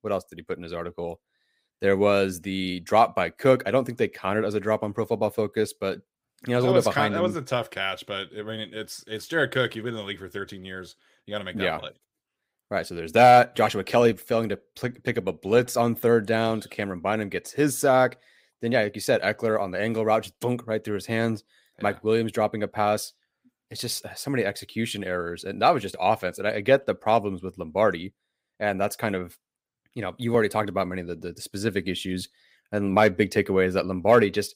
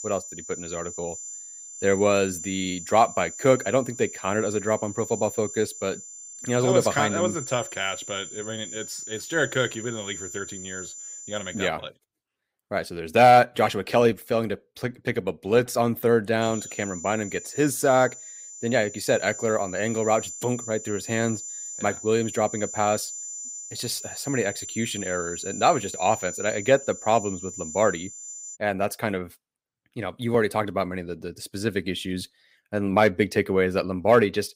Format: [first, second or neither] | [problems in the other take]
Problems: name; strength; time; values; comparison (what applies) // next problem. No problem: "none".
first | high-pitched whine; noticeable; until 12 s and from 16 to 29 s; 7 kHz, 10 dB below the speech